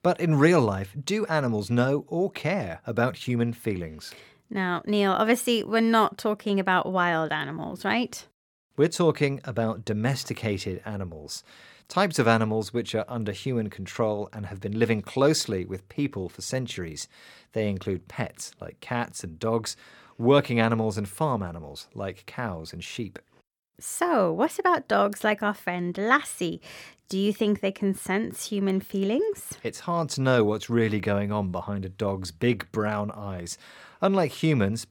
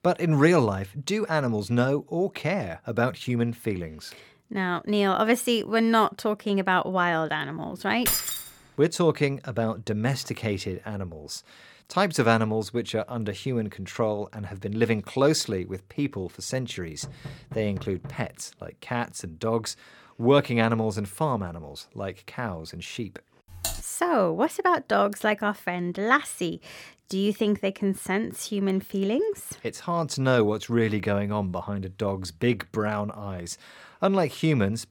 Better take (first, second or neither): first